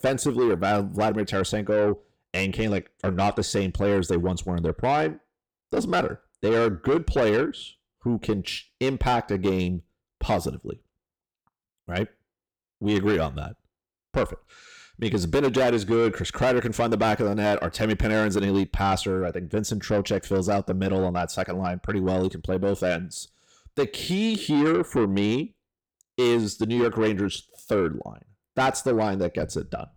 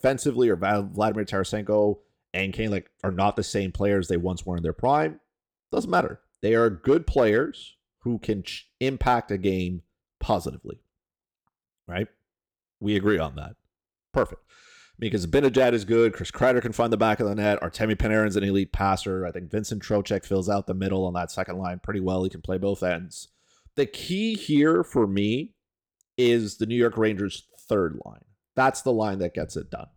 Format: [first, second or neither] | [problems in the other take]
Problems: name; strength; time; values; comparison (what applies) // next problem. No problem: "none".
second | distortion; slight; 10 dB below the speech